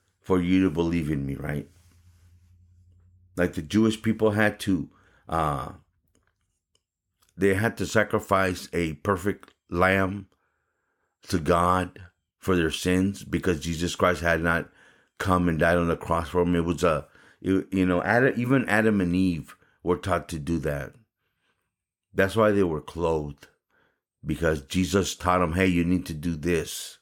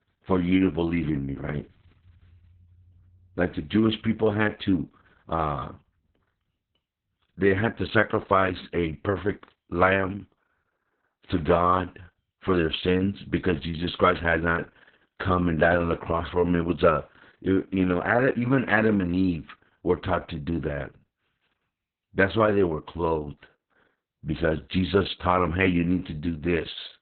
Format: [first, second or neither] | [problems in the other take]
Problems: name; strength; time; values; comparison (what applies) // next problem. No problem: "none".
first | garbled, watery; badly; nothing above 4 kHz